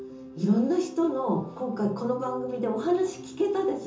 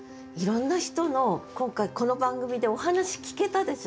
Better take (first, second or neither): second